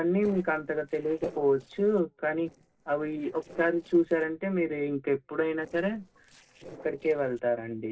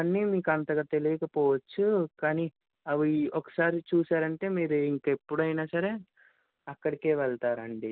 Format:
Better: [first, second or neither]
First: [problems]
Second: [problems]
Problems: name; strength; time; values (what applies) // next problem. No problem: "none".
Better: second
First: noise reduction (neural separator model SepFormer DNS4)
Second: none